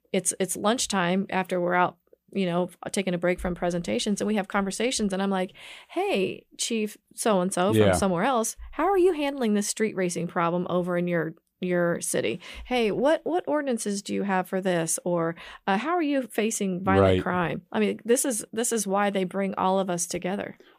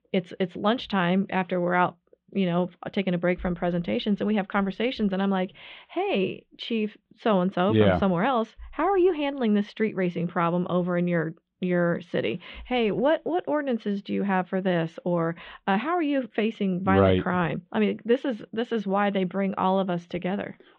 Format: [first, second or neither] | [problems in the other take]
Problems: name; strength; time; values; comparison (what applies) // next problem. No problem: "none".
first | muffled; very; fading above 3.5 kHz